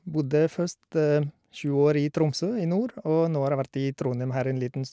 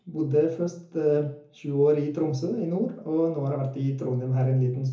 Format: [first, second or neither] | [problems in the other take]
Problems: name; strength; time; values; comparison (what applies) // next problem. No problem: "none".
first | room echo; dies away in 0.6 s